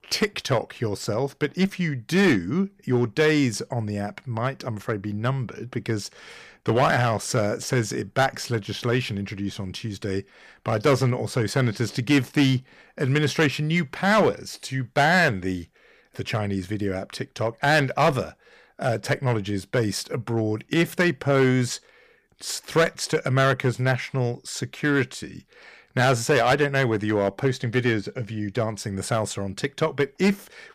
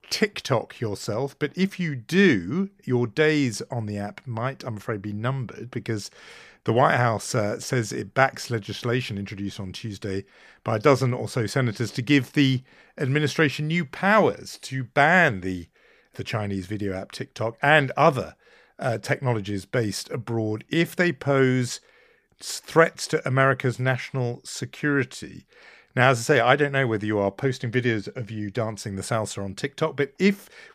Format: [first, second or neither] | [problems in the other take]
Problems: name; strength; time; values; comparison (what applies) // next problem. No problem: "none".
second | distortion; slight; 3% of the sound clipped